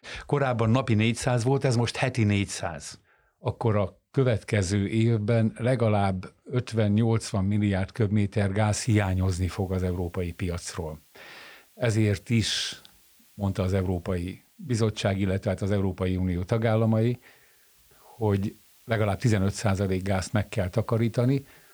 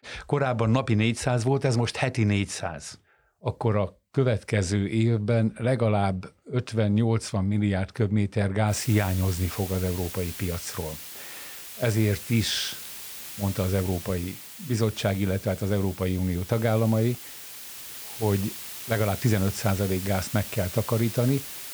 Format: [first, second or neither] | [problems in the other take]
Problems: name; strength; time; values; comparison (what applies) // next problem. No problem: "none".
first | hiss; loud; from 8.5 s on; 9 dB below the speech; faint in the first